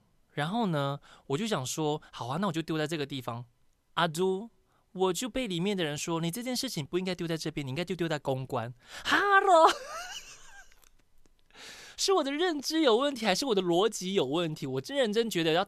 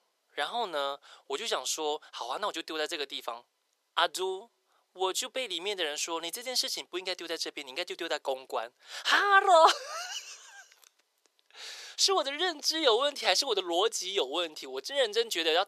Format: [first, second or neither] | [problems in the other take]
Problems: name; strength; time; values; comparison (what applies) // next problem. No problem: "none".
first | thin; very; fading below 400 Hz